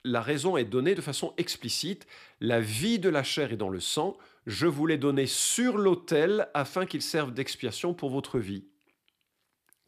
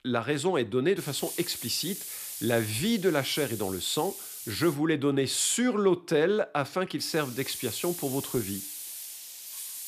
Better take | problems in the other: first | hiss; loud; from 1 to 5 s and from 7 s on; 9 dB below the speech

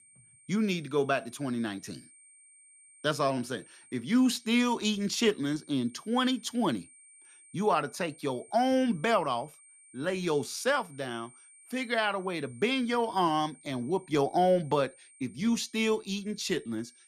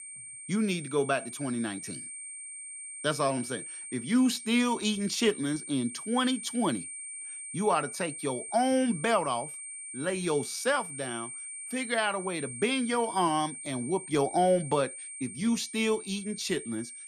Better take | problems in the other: first | high-pitched whine; loud; throughout; 8.5 kHz, 9 dB below the speech; faint in the first

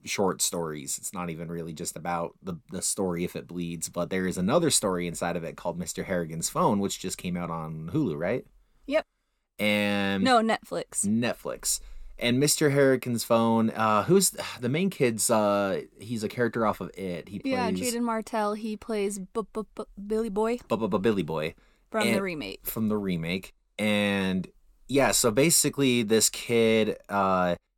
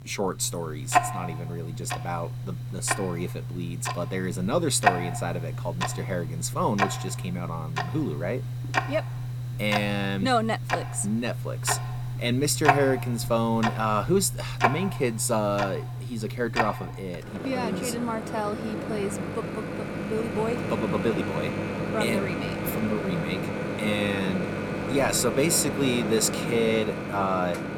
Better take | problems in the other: first | household noises; loud; throughout; 2 dB below the speech

